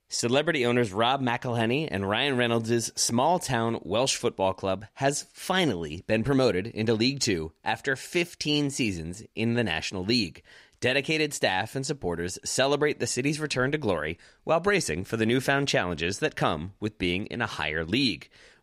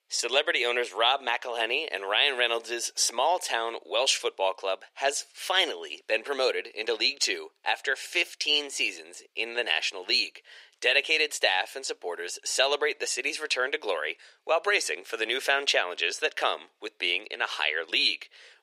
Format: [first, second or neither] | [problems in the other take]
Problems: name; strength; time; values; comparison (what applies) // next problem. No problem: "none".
first | thin; very; fading below 400 Hz